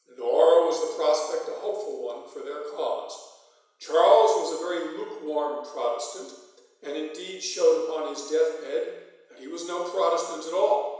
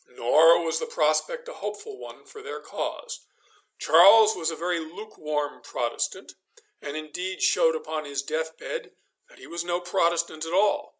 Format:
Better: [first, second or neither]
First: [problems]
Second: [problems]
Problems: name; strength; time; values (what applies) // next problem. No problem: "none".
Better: second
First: room echo; dies away in 1 s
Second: none